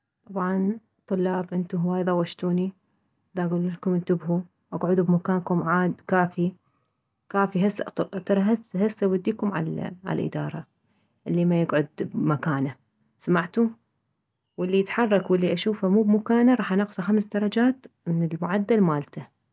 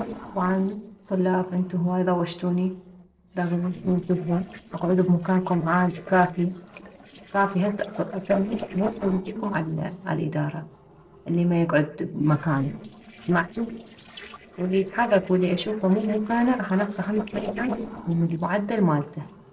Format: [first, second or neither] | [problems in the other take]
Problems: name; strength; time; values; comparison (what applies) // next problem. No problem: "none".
first | noise reduction (neural separator model SepFormer DNS4)